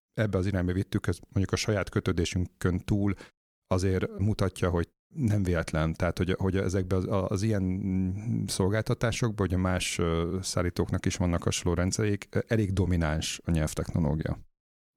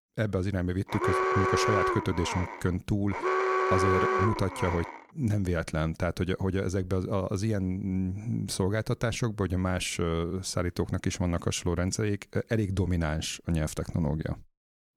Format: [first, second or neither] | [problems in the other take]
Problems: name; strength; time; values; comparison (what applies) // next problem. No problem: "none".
first | alarm; loud; from 1 to 5 s; peak 4 dB above the speech